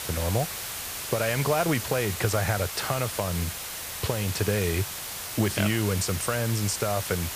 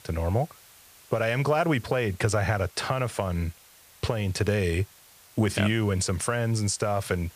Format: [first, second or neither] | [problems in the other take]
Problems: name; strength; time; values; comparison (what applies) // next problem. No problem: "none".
second | hiss; loud; throughout; 5 dB below the speech; faint in the second